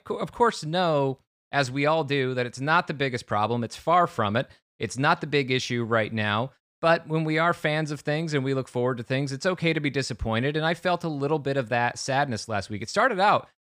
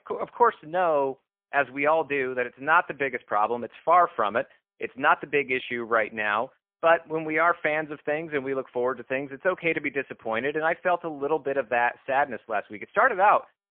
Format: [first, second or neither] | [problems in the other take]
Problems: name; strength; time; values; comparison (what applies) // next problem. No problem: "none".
first | phone-call audio; poor line